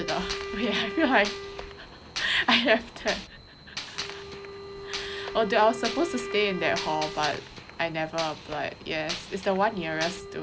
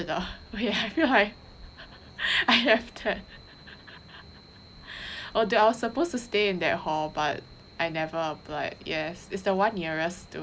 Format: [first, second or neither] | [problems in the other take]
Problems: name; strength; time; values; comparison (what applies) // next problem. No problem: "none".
second | background sound (Wind instrument, woodwind instrument + Gunshot, gunfire); 9 dB below the speech